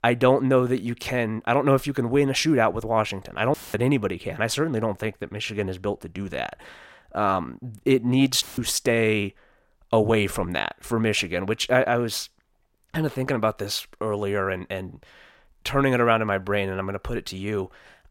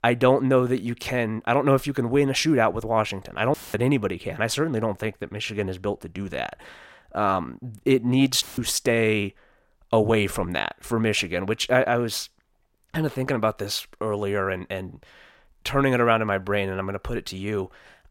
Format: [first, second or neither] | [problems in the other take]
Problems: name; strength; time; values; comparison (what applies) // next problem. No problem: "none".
neither | audio cutting out; filled with static; at 3.5 s and at 8.5 s; the same in both